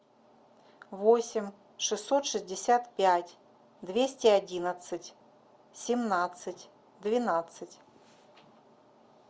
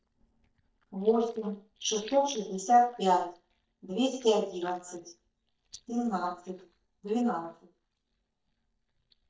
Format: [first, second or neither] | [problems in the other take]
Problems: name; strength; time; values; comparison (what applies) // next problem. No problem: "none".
first | noise reduction (neural mask model DeepFilterNet 3)